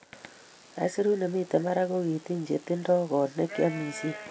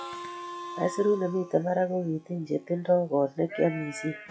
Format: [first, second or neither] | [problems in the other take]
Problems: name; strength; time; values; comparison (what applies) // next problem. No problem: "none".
first | noise reduction (classical method log-MMSE)